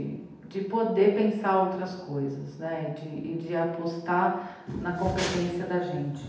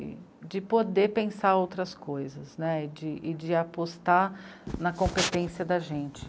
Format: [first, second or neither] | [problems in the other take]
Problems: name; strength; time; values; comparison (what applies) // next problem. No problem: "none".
second | room echo; dies away in 0.8 s